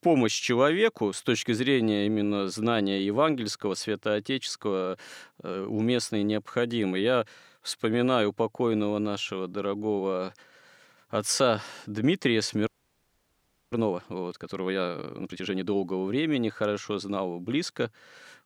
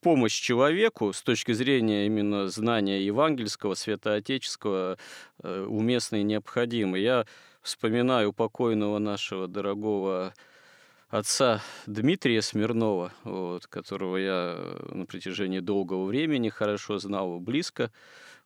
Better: second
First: audio freezing; at 13 s for 1 s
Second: none

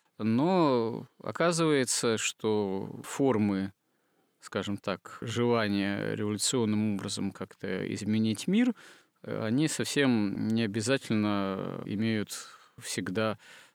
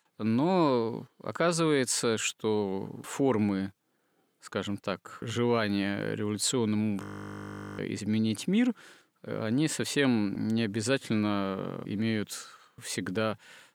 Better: first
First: none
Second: audio freezing; at 7 s for 1 s

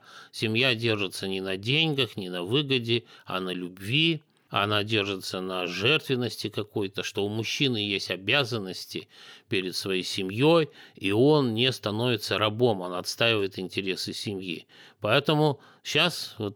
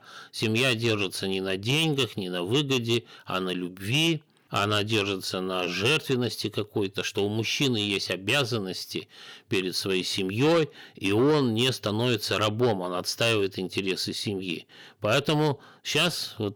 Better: first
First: none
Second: distortion; slight; 10 dB below the speech

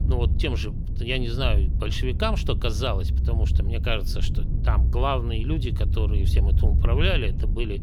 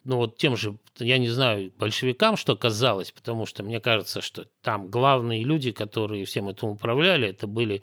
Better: second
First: low rumble; noticeable; throughout; 10 dB below the speech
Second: none

